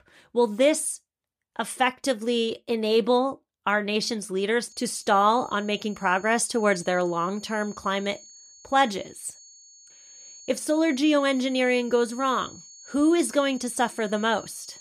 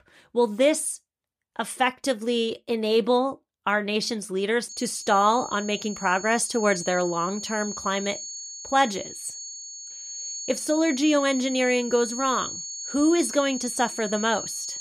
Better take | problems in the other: first | high-pitched whine; loud; from 4.5 s on; 6.5 kHz, 9 dB below the speech; faint in the first

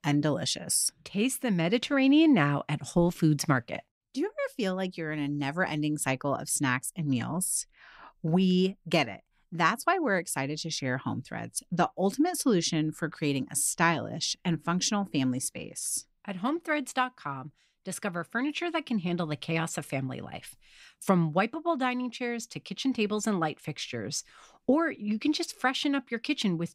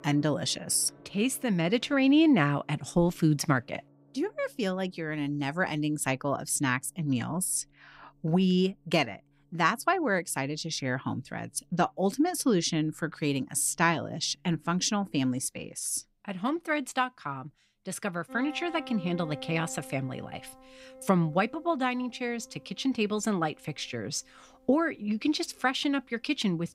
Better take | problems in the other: first | background music; faint; throughout; 20 dB below the speech

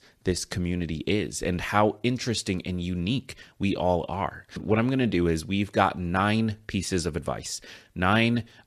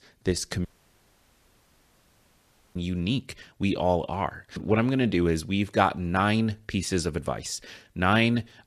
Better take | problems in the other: first | audio cutting out; at 0.5 s for 2 s

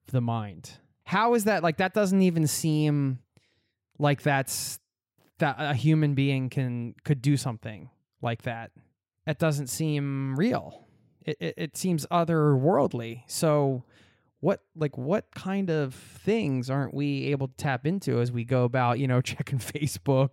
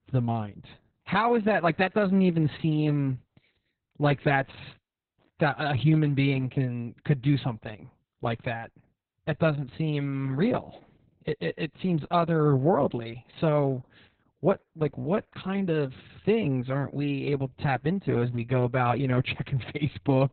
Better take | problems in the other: first | garbled, watery; badly; nothing above 4 kHz

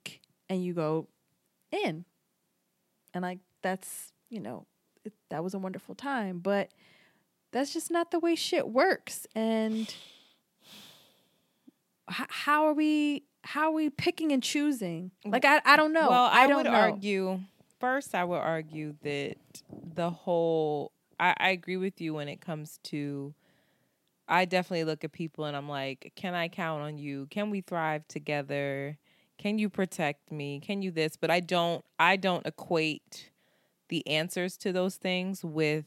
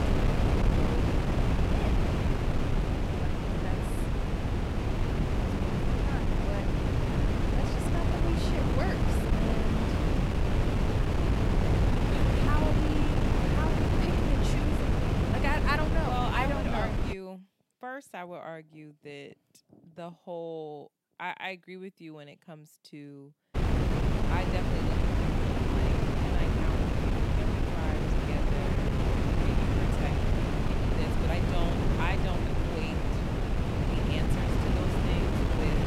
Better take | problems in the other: first | wind noise on the microphone; heavy; until 17 s and from 24 s on; 4 dB above the speech

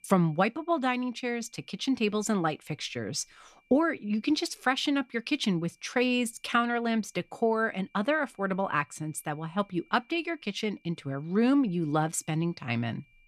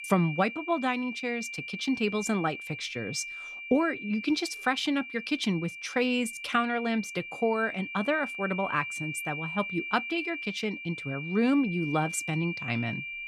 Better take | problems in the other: first | high-pitched whine; loud; throughout; 2.5 kHz, 7 dB below the speech; faint in the first

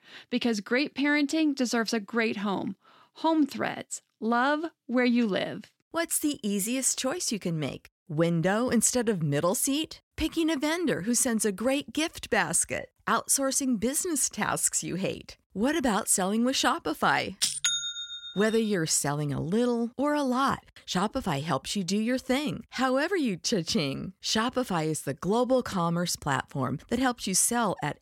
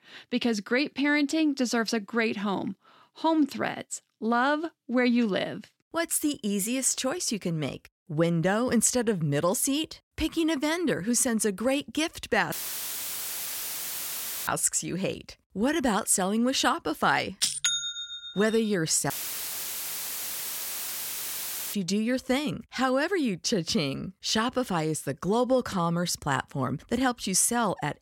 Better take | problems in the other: first | audio cutting out; filled with static; at 13 s for 2 s and at 19 s for 2.5 s

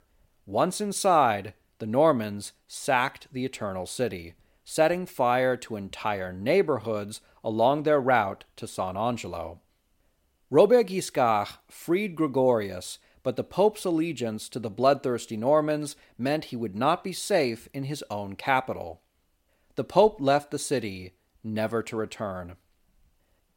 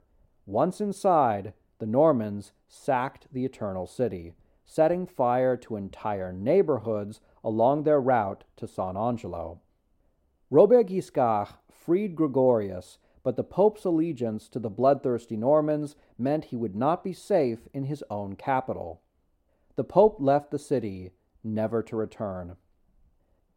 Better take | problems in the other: first | muffled; slightly; fading above 1.5 kHz

